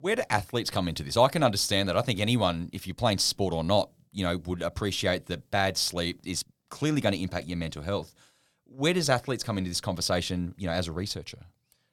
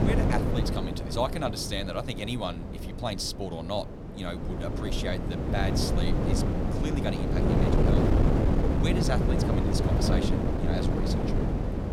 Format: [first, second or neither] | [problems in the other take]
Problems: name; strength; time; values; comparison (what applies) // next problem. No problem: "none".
first | wind noise on the microphone; heavy; 2 dB above the speech